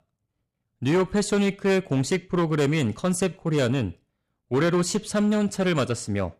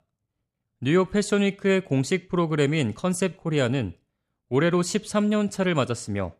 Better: second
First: distortion; slight; 8% of the sound clipped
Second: none

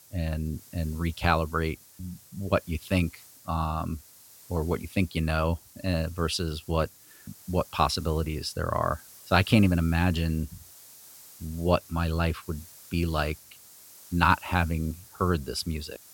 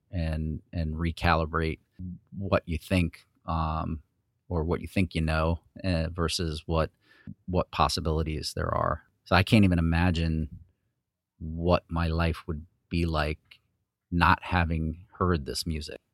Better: second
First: hiss; faint; throughout; 20 dB below the speech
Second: none

